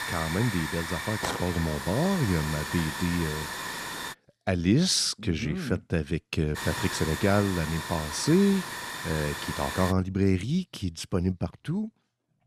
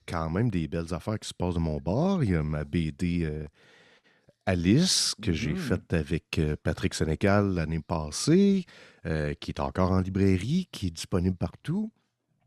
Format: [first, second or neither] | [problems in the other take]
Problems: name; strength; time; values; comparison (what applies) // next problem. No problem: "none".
second | hiss; loud; until 4 s and from 6.5 to 10 s; 6 dB below the speech